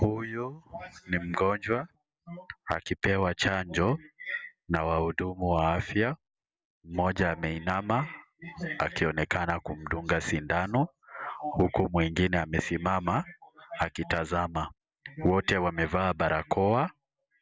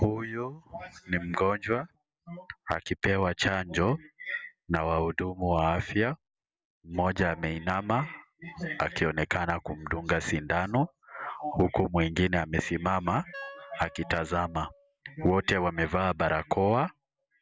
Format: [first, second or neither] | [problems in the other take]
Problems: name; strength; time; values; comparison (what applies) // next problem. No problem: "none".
first | background sound (Wind instrument, woodwind instrument); 19 dB below the speech